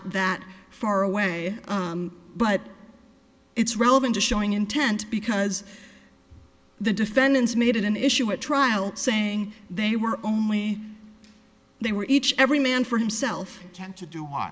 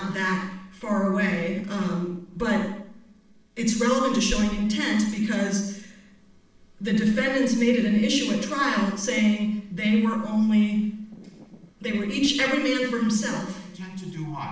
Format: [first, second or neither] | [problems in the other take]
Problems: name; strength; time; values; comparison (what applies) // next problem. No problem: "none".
first | noise reduction (neural separator model SepFormer DNS4)